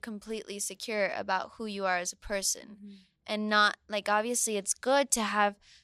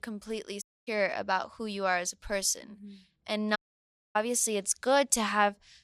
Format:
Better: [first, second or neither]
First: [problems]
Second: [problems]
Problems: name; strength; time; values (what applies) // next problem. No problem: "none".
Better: first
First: none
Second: audio cutting out; at 0.5 s and at 3.5 s for 0.5 s